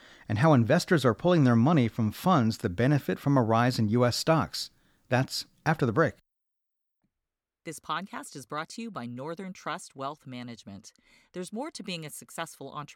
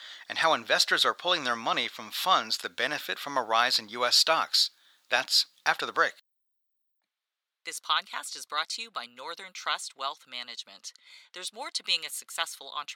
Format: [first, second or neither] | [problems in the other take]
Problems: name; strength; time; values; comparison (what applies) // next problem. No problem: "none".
first | thin; very; fading below 950 Hz